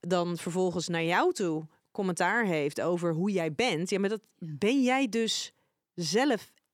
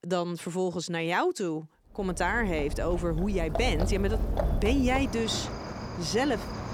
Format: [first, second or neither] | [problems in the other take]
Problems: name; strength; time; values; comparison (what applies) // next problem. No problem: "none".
first | animal sounds; loud; from 2 s on; 4 dB below the speech